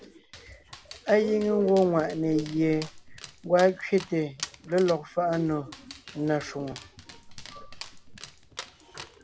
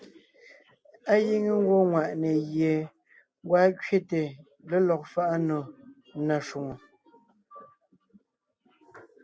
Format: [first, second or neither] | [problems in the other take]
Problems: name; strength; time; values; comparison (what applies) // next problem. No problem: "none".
second | background sound (Dog); 17 dB below the speech